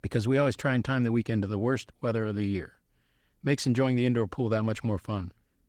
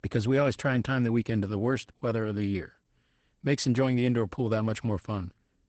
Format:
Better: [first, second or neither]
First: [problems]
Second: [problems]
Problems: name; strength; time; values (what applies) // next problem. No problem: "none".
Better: first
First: garbled, watery; slightly; nothing above 18 kHz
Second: garbled, watery; badly; nothing above 8 kHz